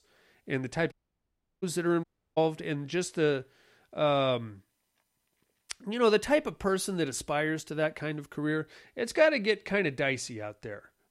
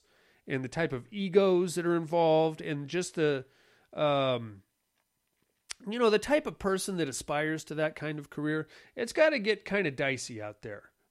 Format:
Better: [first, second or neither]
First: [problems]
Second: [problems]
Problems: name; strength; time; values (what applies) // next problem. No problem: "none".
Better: second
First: audio cutting out; at 1 s for 0.5 s and at 2 s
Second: none